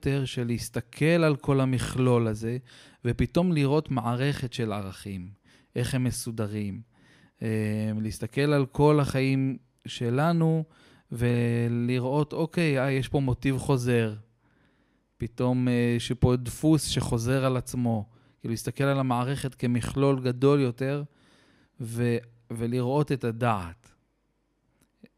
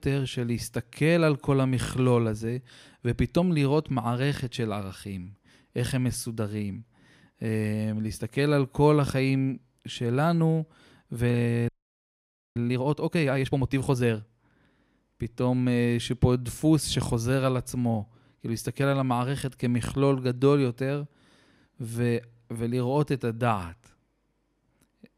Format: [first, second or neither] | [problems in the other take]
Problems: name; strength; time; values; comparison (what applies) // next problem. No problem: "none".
first | audio freezing; at 12 s for 1 s